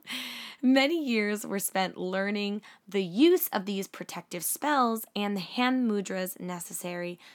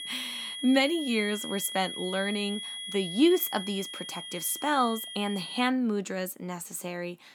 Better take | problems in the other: first | high-pitched whine; loud; until 5.5 s; 3.5 kHz, 7 dB below the speech

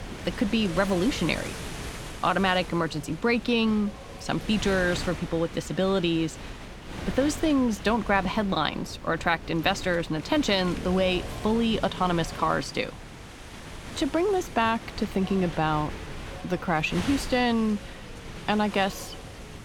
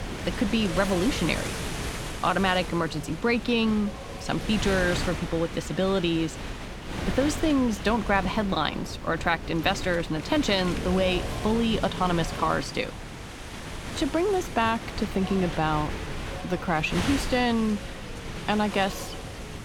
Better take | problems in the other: first | wind noise on the microphone; heavy; 8 dB below the speech; occasional gusts in the first

